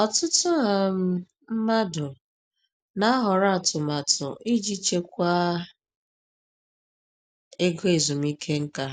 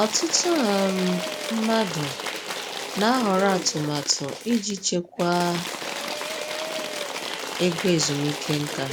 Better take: first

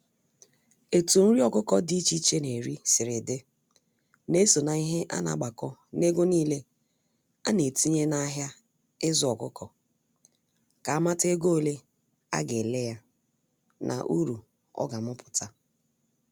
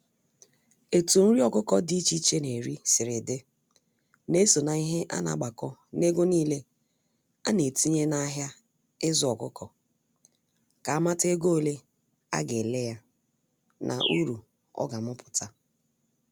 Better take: first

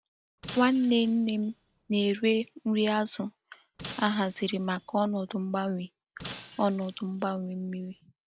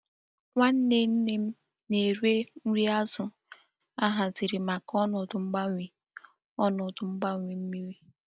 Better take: second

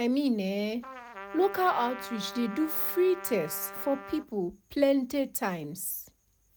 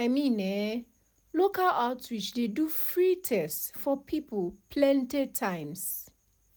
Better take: second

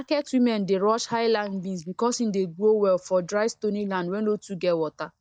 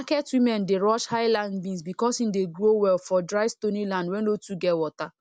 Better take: second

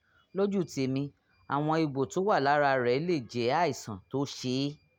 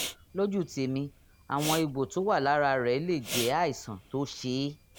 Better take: first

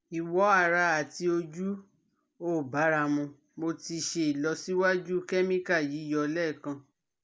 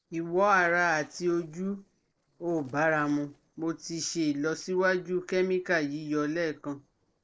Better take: first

